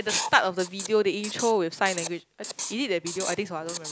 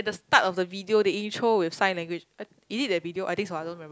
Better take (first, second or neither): second